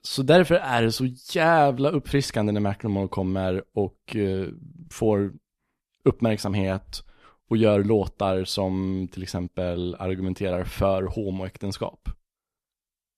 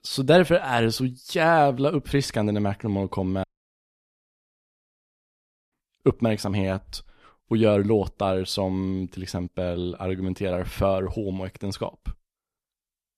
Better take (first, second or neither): first